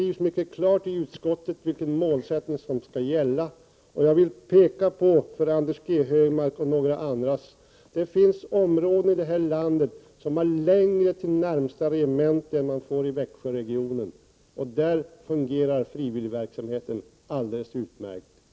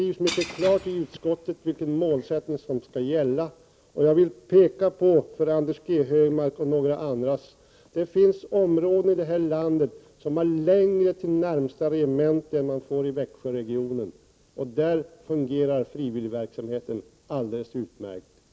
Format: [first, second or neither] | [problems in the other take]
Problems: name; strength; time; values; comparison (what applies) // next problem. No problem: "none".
first | background sound (Shatter / Crushing); 14 dB below the speech